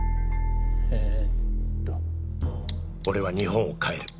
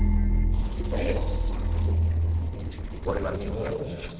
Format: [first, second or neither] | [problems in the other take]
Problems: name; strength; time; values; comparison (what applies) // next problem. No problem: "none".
first | noise reduction (neural separator model SepFormer DNS4)